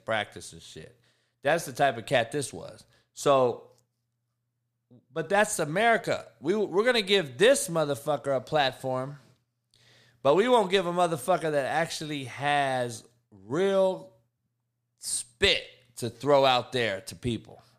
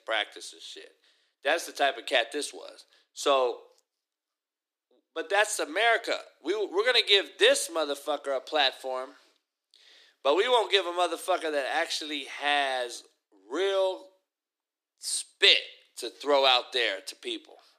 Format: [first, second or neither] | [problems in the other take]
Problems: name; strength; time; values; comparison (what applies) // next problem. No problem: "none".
first | thin; somewhat; fading below 300 Hz